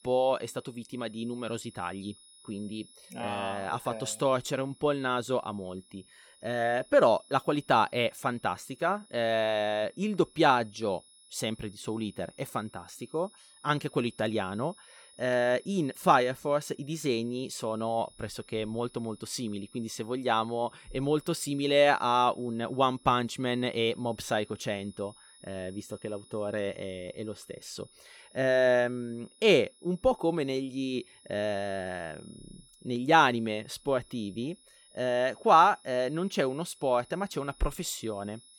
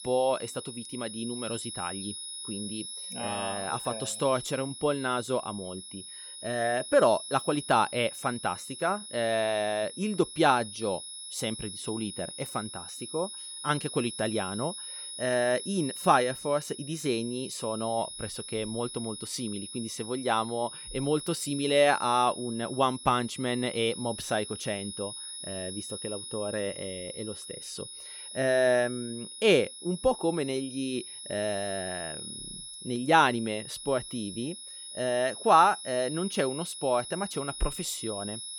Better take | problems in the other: first | high-pitched whine; loud; throughout; 10.5 kHz, 9 dB below the speech; faint in the first

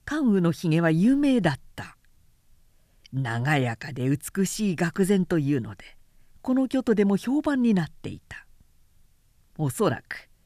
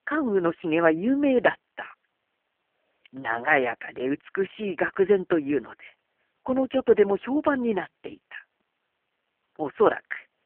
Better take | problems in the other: first | phone-call audio; poor line

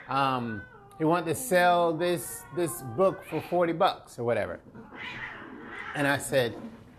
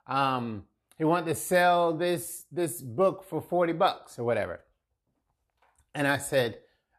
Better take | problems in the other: second | hiss; noticeable; throughout; 15 dB below the speech

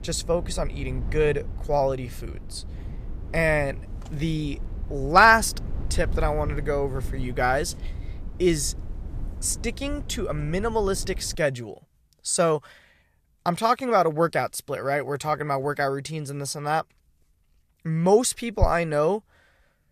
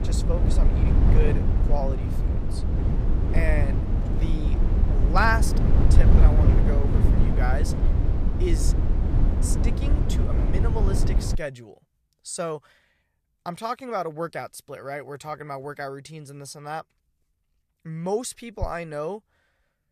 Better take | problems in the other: first | low rumble; loud; until 11 s; 4 dB below the speech; faint in the first

